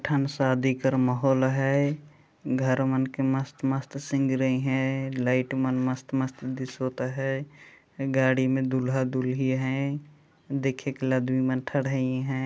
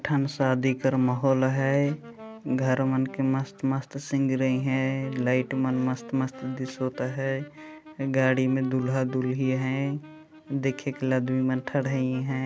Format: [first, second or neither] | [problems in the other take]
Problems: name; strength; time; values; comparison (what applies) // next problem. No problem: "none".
first | background sound (Wind instrument, woodwind instrument); 18 dB below the speech